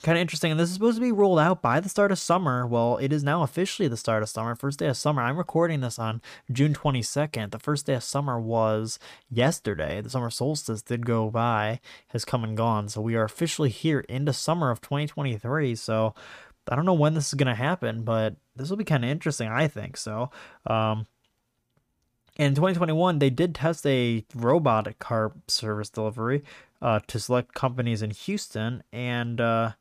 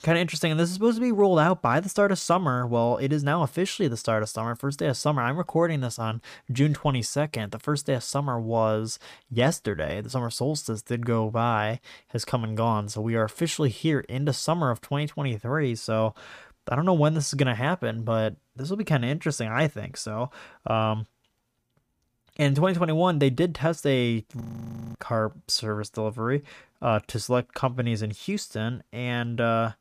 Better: first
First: none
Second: audio freezing; at 24 s for 0.5 s

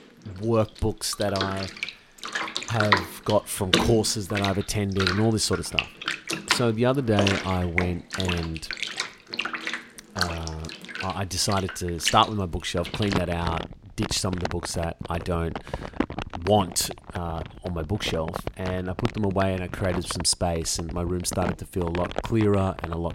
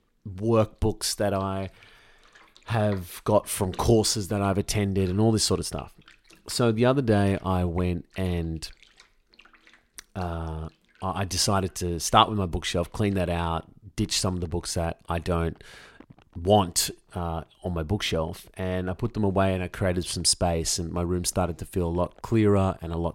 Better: second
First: household noises; loud; throughout; 4 dB below the speech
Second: household noises; faint; throughout; 30 dB below the speech

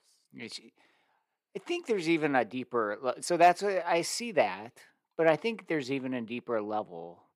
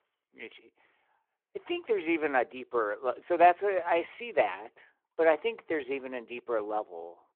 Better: first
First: none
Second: phone-call audio

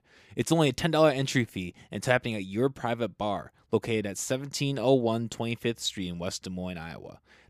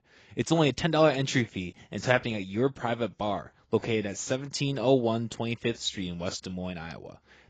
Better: first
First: none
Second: garbled, watery; badly; nothing above 7.5 kHz

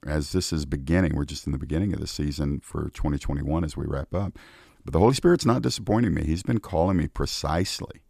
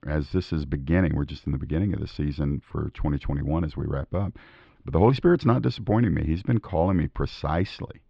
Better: first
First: none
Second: muffled; slightly; fading above 3.5 kHz

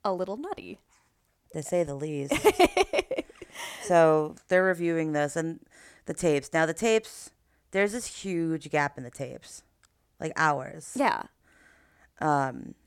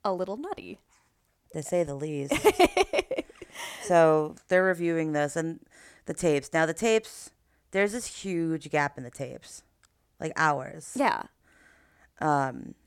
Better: neither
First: none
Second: none

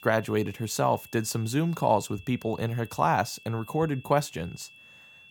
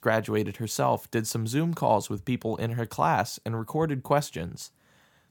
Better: second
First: high-pitched whine; faint; throughout; 2.5 kHz, 20 dB below the speech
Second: none

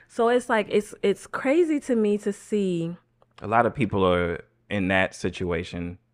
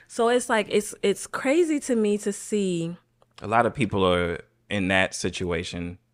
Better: second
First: muffled; slightly; fading above 3 kHz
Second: none

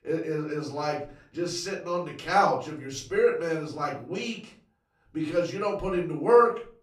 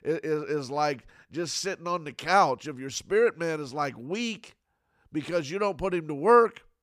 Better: second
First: off-mic speech; far // room echo; slight; dies away in 0.4 s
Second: none

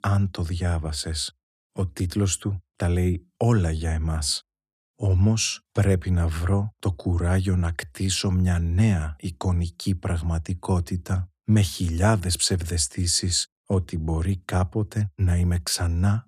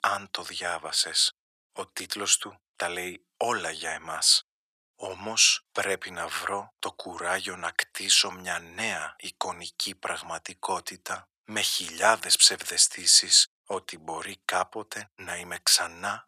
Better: first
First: none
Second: thin; very; fading below 850 Hz

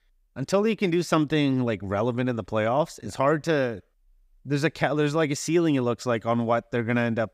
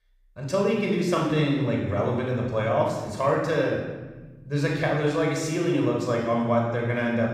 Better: first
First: none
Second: room echo; noticeable; dies away in 1.2 s // off-mic speech; somewhat distant

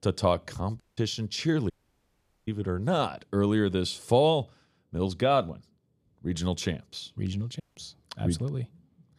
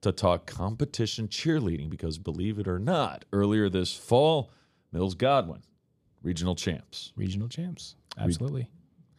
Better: second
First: audio cutting out; at 1 s, at 1.5 s for 1 s and at 7.5 s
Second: none

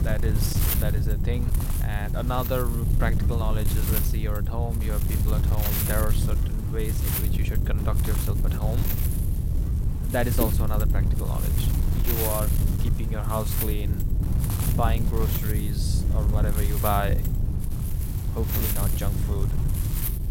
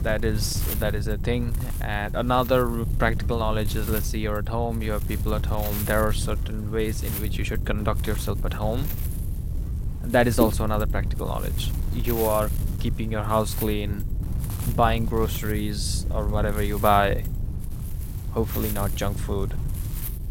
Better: second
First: wind noise on the microphone; heavy; 4 dB below the speech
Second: wind noise on the microphone; occasional gusts; 15 dB below the speech

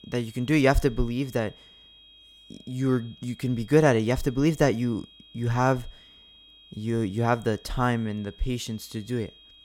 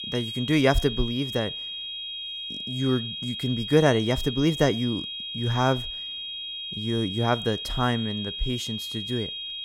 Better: first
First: high-pitched whine; faint; throughout; 3.5 kHz, 25 dB below the speech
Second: high-pitched whine; loud; throughout; 3.5 kHz, 6 dB below the speech

